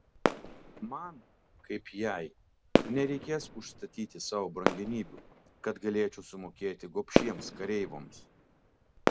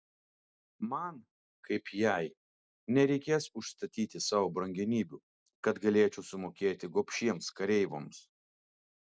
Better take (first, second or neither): second